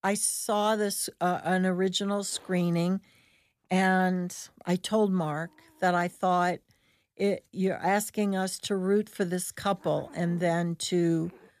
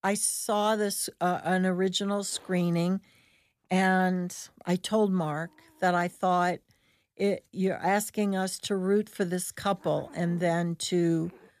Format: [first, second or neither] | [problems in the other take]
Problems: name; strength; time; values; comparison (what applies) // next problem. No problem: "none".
neither | hiss; faint; from 2 to 7 s and from 8.5 s on; 25 dB below the speech; the same in both